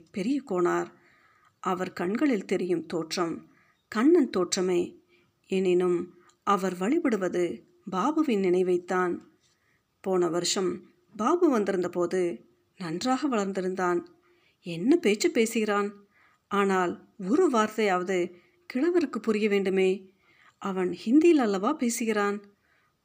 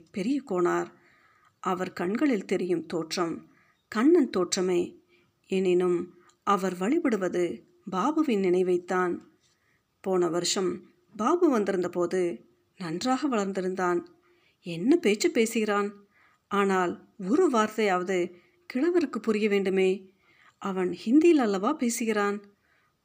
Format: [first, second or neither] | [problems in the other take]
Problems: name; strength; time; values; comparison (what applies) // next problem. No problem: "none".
neither | none